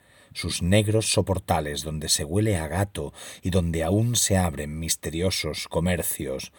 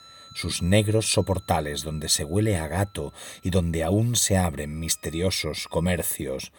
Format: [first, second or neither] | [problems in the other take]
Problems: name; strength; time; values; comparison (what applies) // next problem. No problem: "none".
first | background music; faint; throughout; 30 dB below the speech